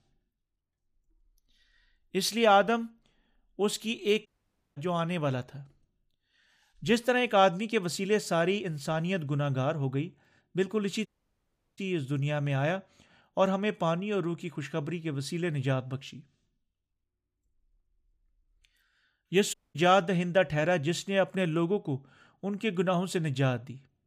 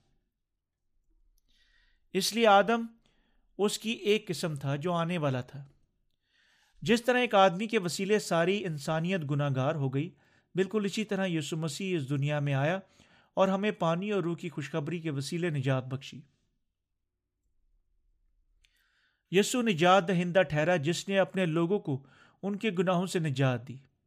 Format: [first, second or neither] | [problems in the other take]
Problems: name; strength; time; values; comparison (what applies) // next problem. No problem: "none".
second | audio cutting out; at 4.5 s for 0.5 s, at 11 s for 0.5 s and at 20 s